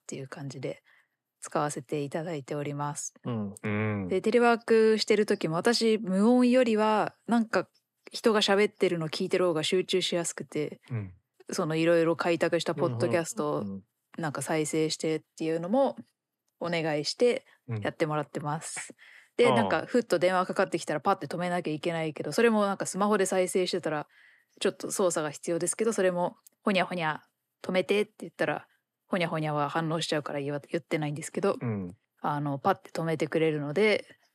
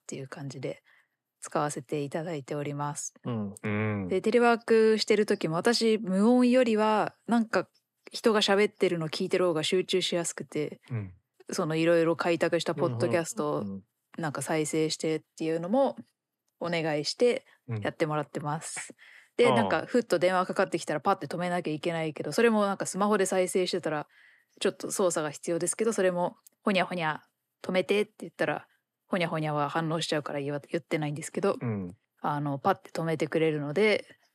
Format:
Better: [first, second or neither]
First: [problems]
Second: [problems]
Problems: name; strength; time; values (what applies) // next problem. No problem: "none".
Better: neither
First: none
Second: none